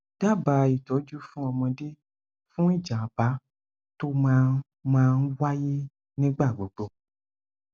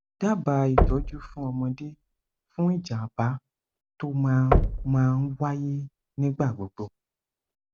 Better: first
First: none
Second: background sound (Knock); 2 dB below the speech

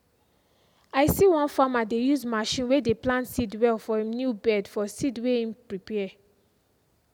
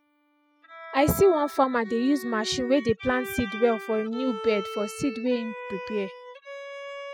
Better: first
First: none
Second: noise reduction (classical method spectral subtraction)

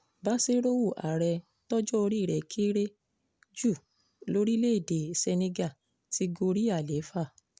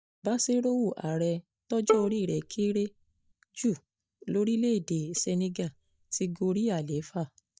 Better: first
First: none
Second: noise reduction (neural mask model DeepFilterNet 3)

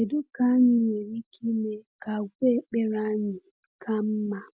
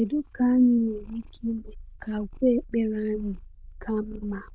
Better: first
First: none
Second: noise reduction (neural diffusion model UNIVERSE++)

